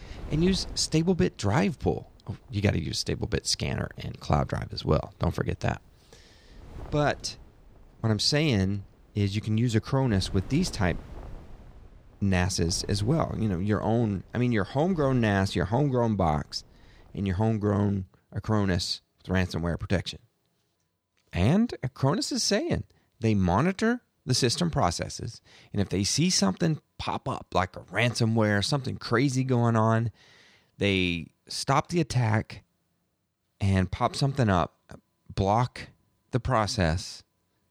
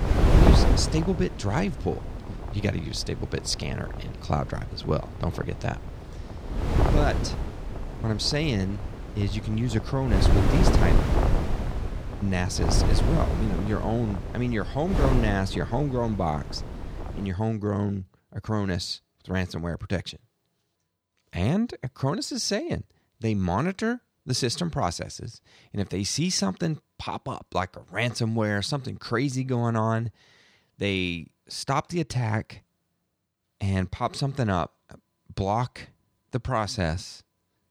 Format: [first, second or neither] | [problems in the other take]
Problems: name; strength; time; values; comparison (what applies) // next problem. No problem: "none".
first | wind noise on the microphone; heavy; until 17 s; 3 dB below the speech; occasional gusts in the first